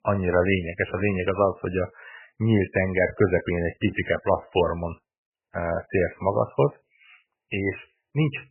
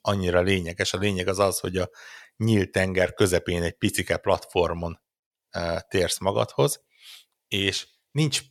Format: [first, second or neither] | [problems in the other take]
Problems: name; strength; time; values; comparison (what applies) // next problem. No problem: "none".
second | garbled, watery; badly; nothing above 3 kHz